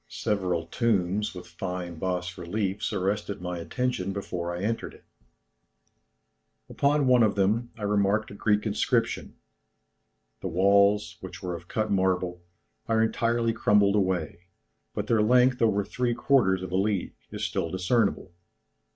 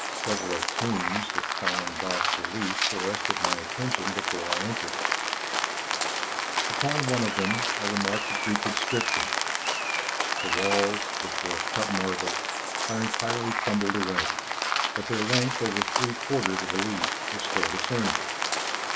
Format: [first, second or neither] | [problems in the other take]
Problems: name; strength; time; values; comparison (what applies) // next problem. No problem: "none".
first | background sound (Rain); 4 dB above the speech